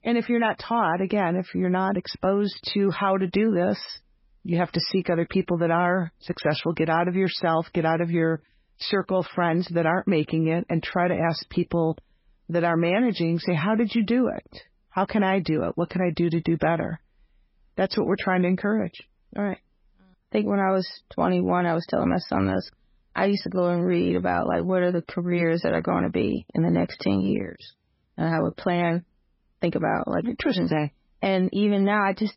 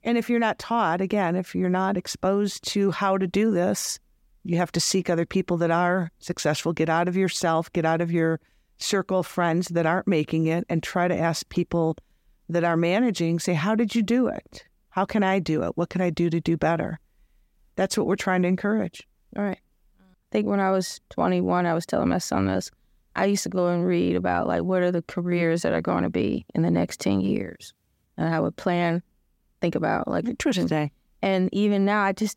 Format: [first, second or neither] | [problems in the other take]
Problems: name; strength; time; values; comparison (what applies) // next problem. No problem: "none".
second | garbled, watery; badly; nothing above 5.5 kHz